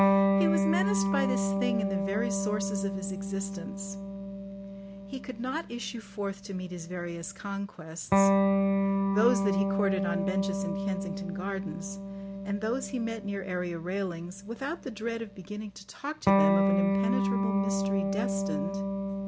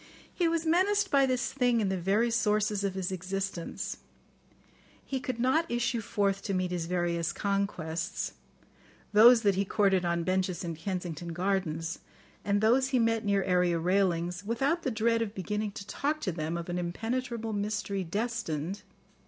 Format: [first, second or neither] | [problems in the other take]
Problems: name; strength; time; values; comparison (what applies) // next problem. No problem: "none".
second | background sound (Electric guitar); 5 dB above the speech